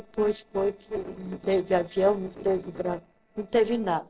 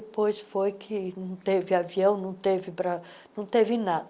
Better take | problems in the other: second | noise reduction (neural separator model SepFormer DNS4)

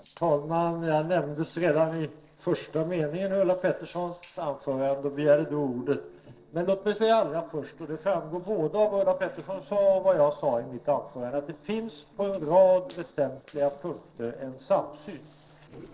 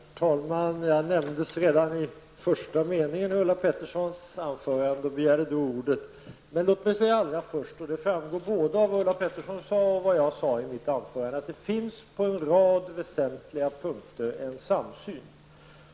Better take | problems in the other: second | noise reduction (neural separator model SepFormer DNS4)

